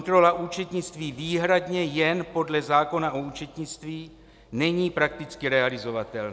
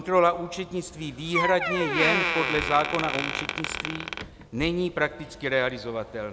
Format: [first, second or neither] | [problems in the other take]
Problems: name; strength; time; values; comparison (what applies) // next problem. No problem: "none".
first | background sound (Door); 4 dB below the speech